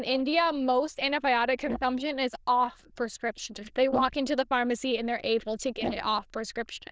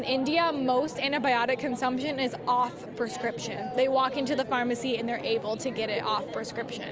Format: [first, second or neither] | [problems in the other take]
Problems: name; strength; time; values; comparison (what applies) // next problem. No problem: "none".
second | noise reduction (neural diffusion model UNIVERSE++)